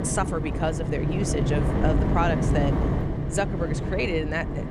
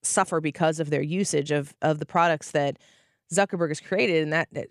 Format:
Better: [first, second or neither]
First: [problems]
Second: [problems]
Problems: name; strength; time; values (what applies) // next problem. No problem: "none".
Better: second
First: wind noise on the microphone; heavy; 4 dB below the speech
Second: none